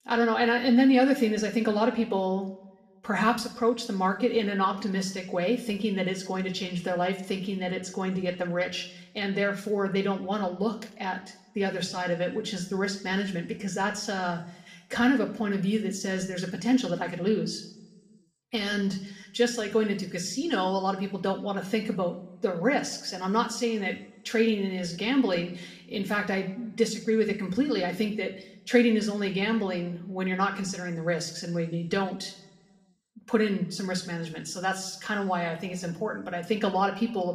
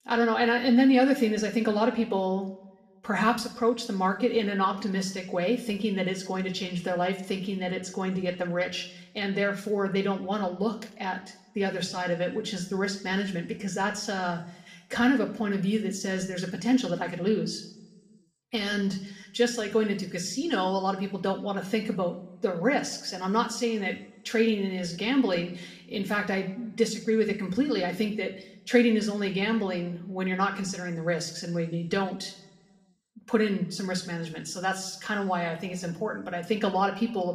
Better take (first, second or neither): neither